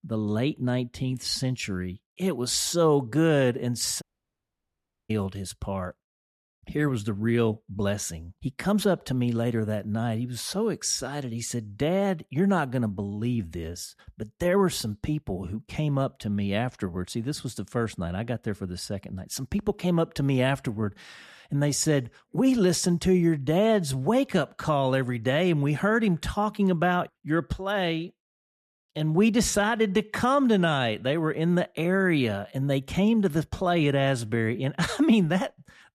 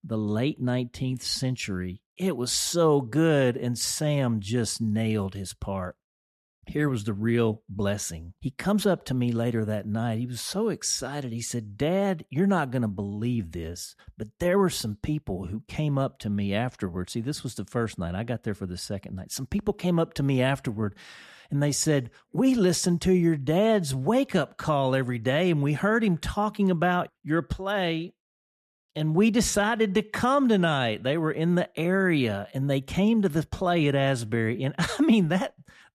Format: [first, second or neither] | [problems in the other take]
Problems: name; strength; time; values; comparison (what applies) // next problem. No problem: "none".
second | audio cutting out; at 4 s for 1 s